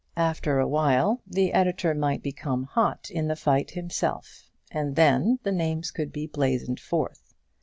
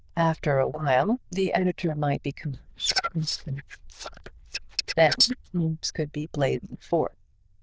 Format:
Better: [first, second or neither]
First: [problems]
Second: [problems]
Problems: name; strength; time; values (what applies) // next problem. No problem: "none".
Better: first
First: none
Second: noise reduction (neural diffusion model UNIVERSE++)